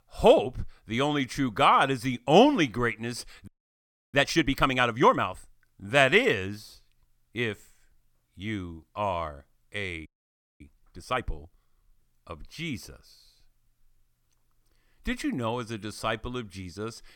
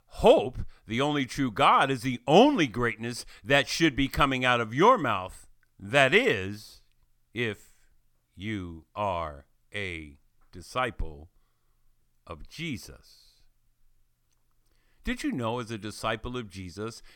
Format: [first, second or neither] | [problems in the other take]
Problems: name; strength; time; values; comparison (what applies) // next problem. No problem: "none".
second | audio freezing; at 3.5 s for 0.5 s and at 10 s for 0.5 s